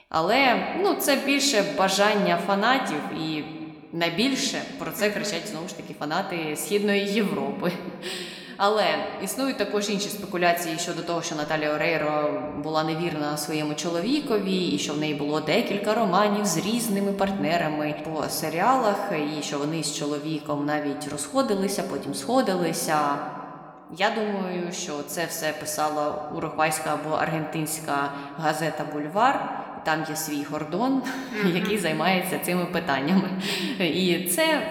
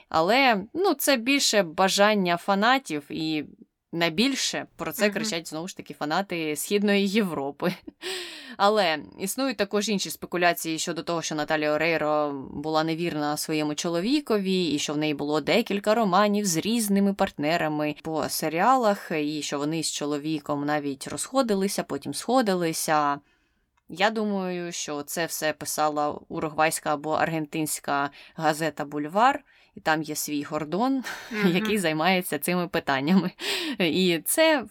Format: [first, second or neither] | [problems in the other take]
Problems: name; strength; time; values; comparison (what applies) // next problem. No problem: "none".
second | room echo; slight; dies away in 1.5 s